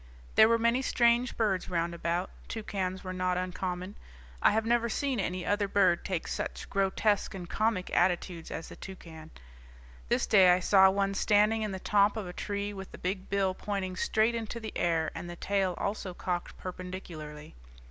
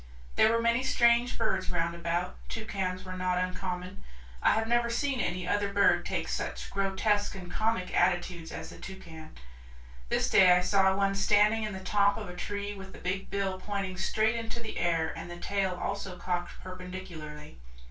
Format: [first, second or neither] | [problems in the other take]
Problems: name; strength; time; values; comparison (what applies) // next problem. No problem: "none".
first | room echo; dies away in 0.2 s